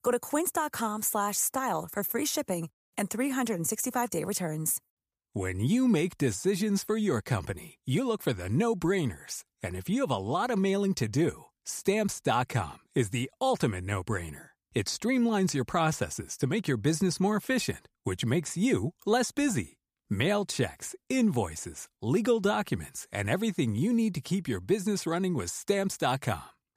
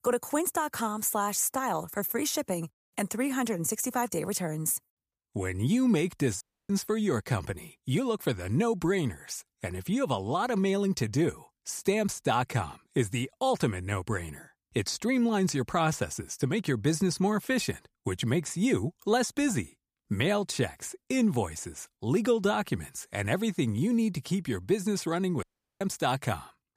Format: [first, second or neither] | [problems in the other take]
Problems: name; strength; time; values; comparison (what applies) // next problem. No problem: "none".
first | audio cutting out; at 6.5 s and at 25 s